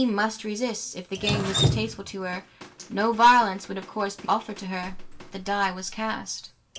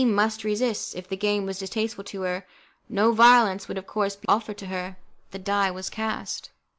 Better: second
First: background sound (Drip); 7 dB below the speech // room echo; dies away in 0.2 s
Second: none

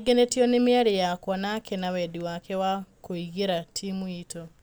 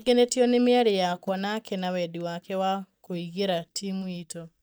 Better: first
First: none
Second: noise reduction (neural mask model DeepFilterNet 3)

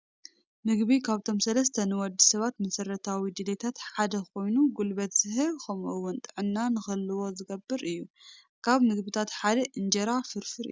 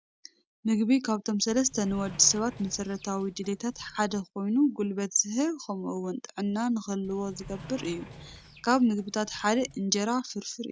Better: first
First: none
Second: background sound (Sliding door); 19 dB below the speech

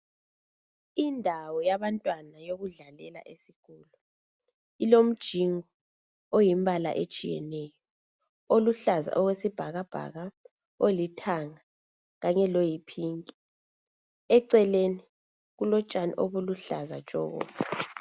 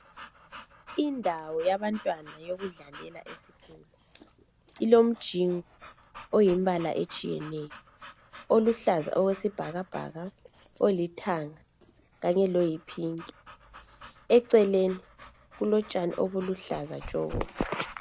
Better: first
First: none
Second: background sound (Dog / Breathing); 19 dB below the speech

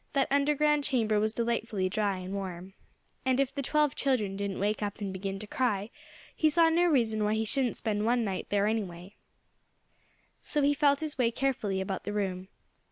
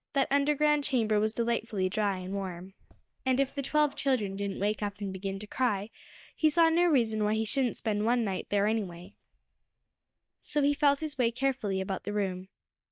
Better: first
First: none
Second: noise reduction (neural mask model DeepFilterNet 3)

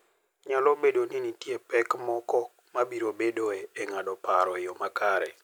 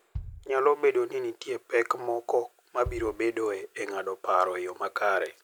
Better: first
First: none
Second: background sound (Bass drum); 17 dB below the speech

